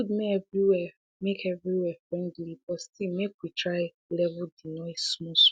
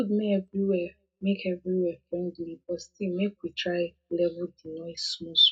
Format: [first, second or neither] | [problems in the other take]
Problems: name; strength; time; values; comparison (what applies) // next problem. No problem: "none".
first | room echo; dies away in 0.2 s